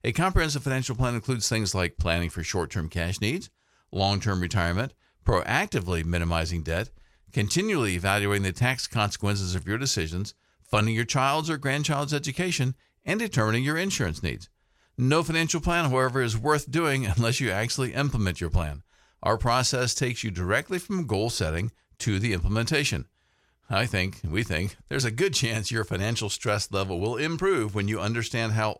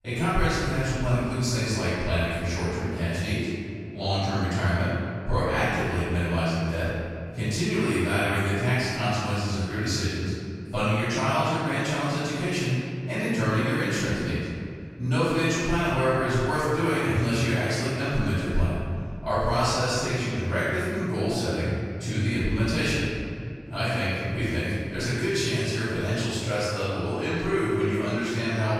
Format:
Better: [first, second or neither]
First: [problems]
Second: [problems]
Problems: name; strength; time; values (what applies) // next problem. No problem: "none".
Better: first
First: none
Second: room echo; strong; dies away in 2.1 s // off-mic speech; far